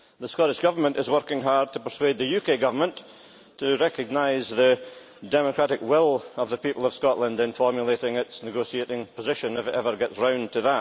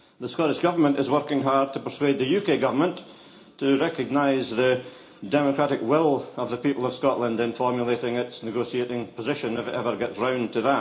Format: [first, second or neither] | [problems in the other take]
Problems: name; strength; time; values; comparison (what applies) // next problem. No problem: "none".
first | room echo; dies away in 0.4 s